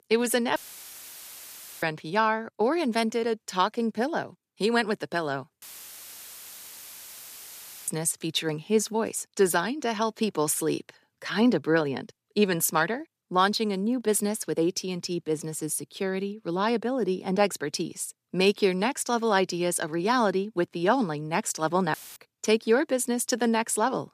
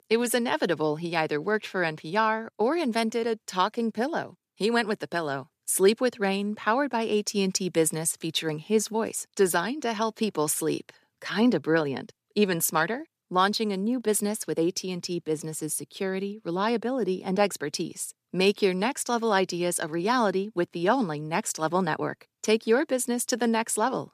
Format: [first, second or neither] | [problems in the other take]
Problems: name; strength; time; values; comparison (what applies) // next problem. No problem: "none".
second | audio cutting out; filled with static; at 0.5 s for 1.5 s, at 5.5 s for 2.5 s and at 22 s